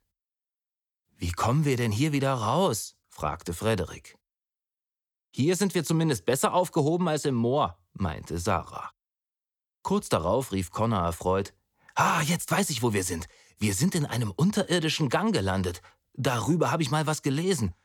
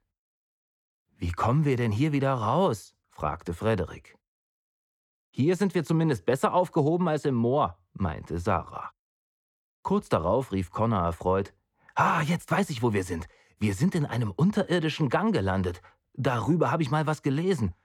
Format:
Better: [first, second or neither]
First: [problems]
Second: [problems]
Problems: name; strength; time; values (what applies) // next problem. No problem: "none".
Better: first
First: none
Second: muffled; slightly; fading above 3.5 kHz